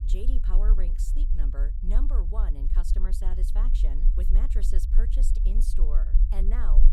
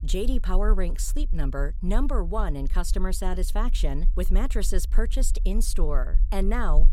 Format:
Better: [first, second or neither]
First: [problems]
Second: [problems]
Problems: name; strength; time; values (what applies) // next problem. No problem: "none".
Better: second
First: low rumble; loud; throughout; 5 dB below the speech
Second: low rumble; faint; throughout; 20 dB below the speech